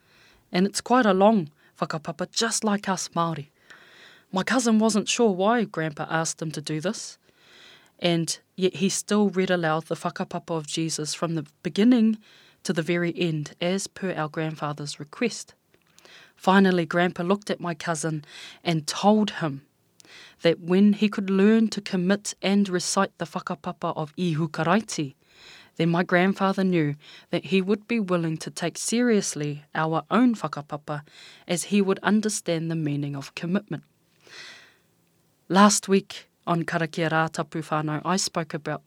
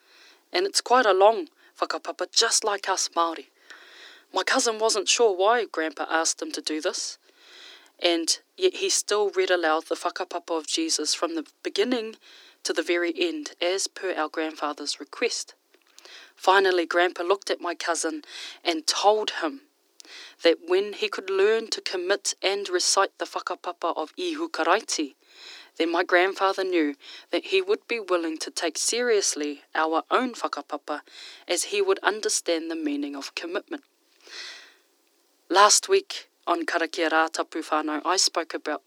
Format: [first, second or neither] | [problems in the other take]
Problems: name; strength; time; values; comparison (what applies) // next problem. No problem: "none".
first | thin; very; fading below 300 Hz